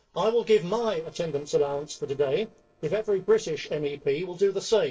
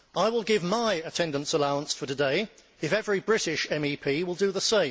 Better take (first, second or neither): second